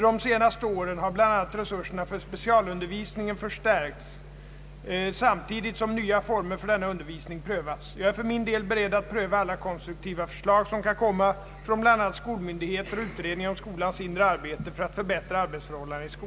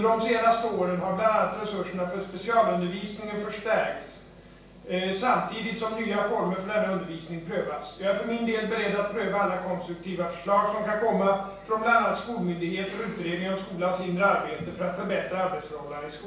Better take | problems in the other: first | room echo; dies away in 0.7 s

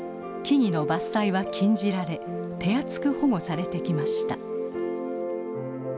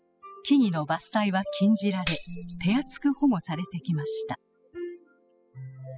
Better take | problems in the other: first | noise reduction (classical method spectral subtraction)

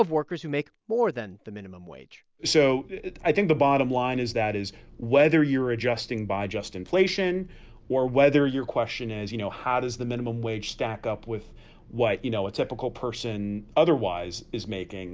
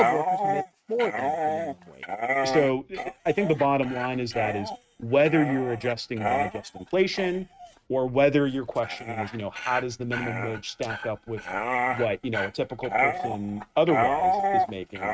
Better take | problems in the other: first | noise reduction (neural mask model RNNoise)

